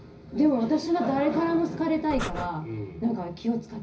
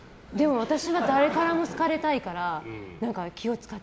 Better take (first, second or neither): second